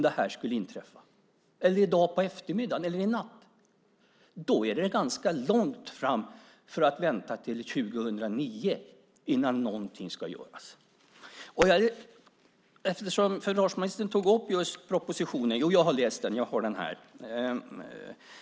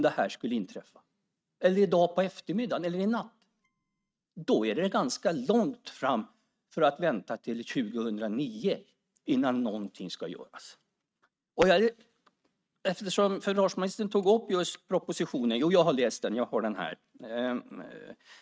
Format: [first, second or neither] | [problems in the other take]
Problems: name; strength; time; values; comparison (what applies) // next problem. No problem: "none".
first | noise reduction (neural mask model RNNoise)